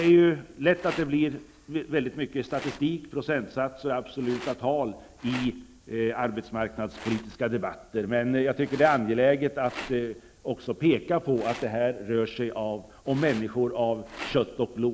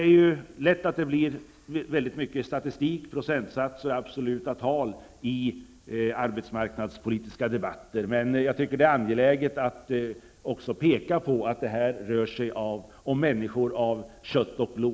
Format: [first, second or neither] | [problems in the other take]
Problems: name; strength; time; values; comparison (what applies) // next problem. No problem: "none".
second | background sound (Rattle); 19 dB below the speech